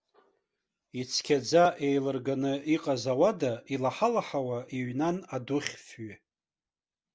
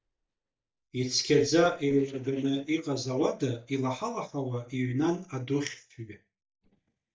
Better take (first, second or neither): first